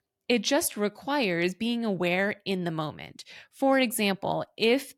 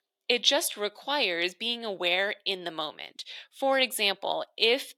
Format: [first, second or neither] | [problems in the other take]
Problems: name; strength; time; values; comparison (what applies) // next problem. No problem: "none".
first | thin; somewhat; fading below 500 Hz